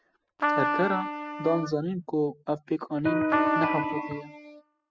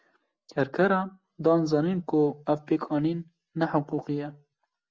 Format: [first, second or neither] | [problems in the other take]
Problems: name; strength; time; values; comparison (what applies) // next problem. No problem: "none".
second | noise reduction (classical method spectral subtraction)